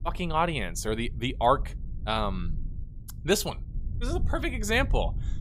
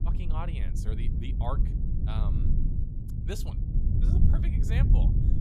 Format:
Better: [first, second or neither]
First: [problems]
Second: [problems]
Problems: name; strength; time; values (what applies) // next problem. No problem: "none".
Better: first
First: low rumble; faint; throughout; 25 dB below the speech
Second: low rumble; loud; throughout; 1 dB below the speech